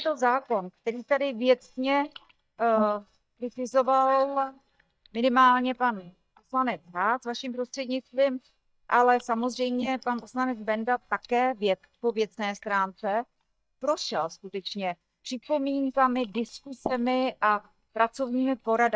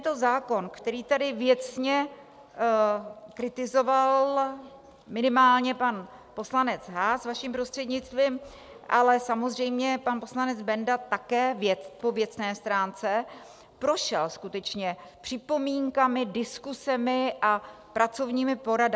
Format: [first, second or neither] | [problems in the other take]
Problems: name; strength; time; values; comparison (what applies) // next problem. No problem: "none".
second | noise reduction (neural mask model DeepFilterNet 3)